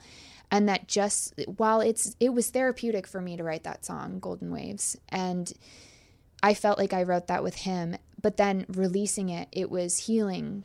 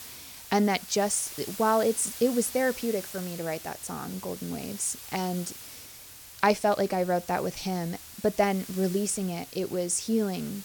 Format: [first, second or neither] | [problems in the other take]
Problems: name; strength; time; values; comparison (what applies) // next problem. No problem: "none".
first | hiss; noticeable; throughout; 10 dB below the speech